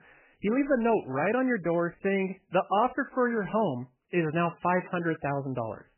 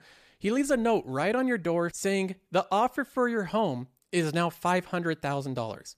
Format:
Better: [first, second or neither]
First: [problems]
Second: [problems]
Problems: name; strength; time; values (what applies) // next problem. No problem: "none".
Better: second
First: garbled, watery; badly; nothing above 3 kHz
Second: none